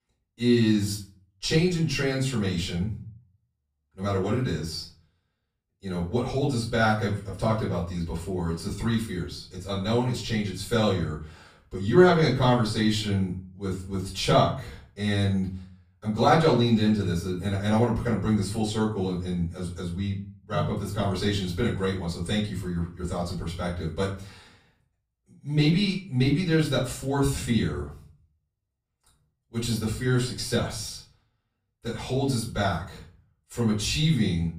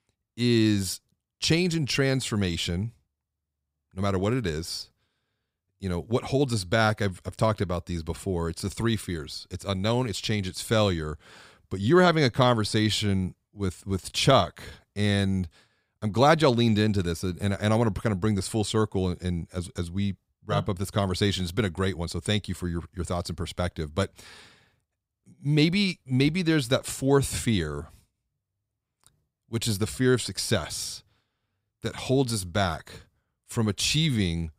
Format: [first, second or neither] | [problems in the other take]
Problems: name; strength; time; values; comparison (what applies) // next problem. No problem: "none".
second | off-mic speech; far // room echo; slight; dies away in 0.4 s